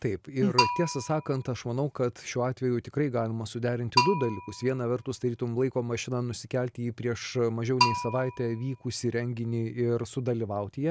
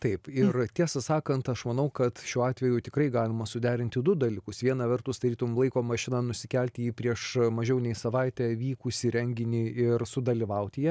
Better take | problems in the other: second | background sound (Bell); 5 dB below the speech

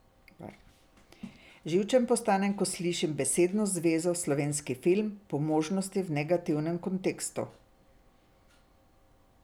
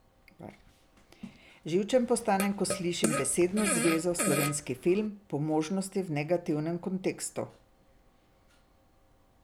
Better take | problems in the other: first | background sound (Fart); 3 dB below the speech

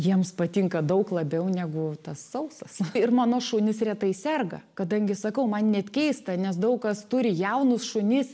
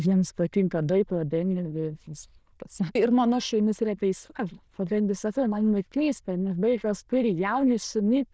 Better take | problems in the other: first | noise reduction (neural diffusion model UNIVERSE++)

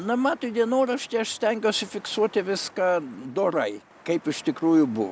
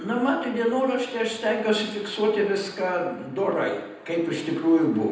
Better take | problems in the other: first | room echo; dies away in 0.8 s

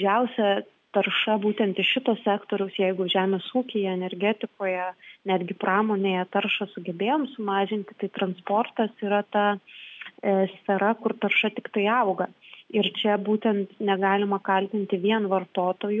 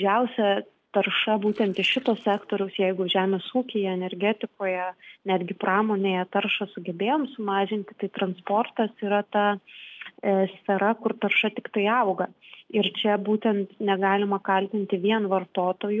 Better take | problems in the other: first | noise reduction (neural separator model SepFormer DNS4)

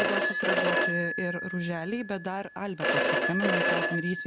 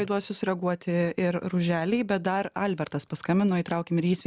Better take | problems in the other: second | background sound (Telephone); 4 dB above the speech

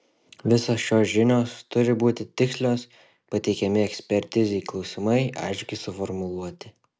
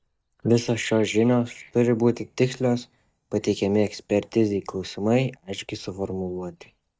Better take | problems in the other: first | noise reduction (neural mask model DeepFilterNet 3)

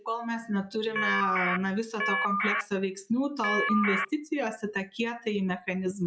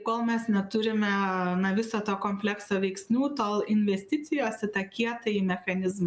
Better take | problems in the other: second | noise reduction (classical method log-MMSE)

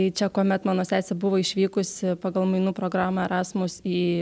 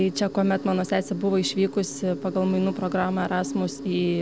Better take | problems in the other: first | background sound (Insect); 11 dB below the speech

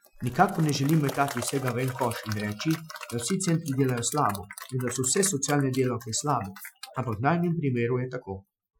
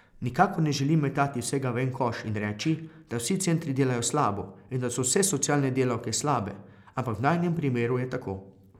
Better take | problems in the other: second | noise reduction (classical method Wiener filter)

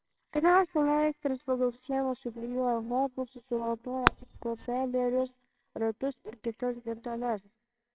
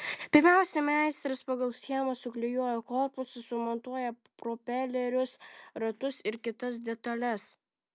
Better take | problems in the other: second | noise reduction (neural separator model SepFormer WHAMR!)

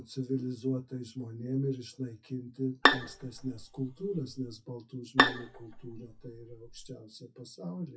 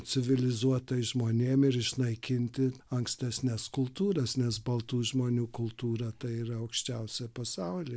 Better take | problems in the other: second | noise reduction (classical method WPE with log-MMSE)

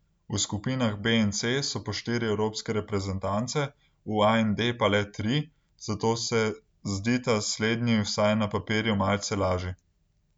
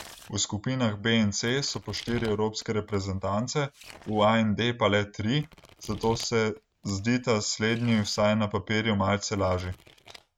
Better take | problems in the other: first | noise reduction (neural mask model RNNoise)

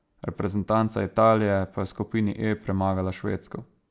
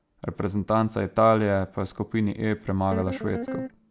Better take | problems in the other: first | background sound (Guitar); 8 dB below the speech

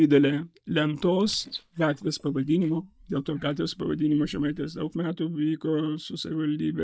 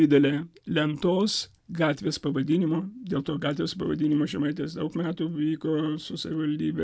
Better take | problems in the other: second | noise reduction (neural mask model DeepFilterNet 3)

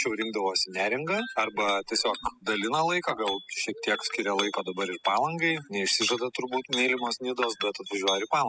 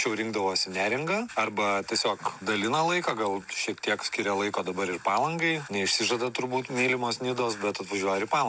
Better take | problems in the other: second | noise reduction (classical method spectral subtraction)

